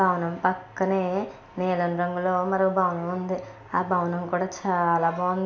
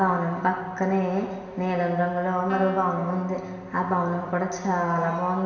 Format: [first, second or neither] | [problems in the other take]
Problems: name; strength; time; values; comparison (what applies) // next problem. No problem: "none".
first | background sound (Wind instrument, woodwind instrument); 18 dB below the speech // room echo; dies away in 2.1 s